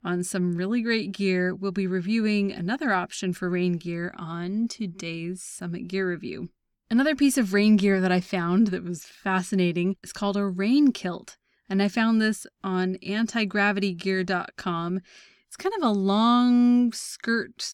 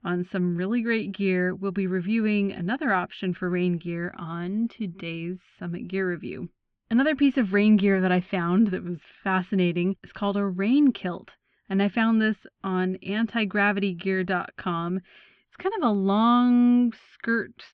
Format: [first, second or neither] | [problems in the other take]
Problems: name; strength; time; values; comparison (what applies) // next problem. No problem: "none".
first | muffled; very; fading above 3 kHz